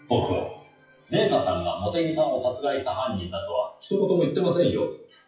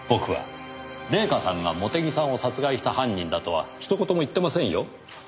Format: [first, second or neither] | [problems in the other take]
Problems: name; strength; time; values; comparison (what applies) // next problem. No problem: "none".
second | noise reduction (classical method WPE with log-MMSE)